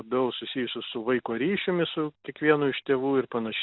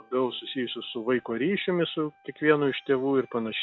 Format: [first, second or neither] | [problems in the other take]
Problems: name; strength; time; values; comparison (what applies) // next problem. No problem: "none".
first | noise reduction (classical method log-MMSE)